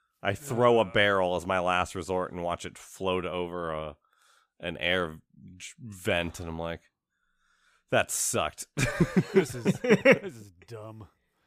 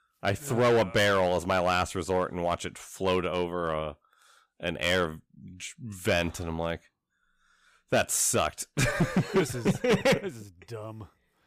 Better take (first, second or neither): first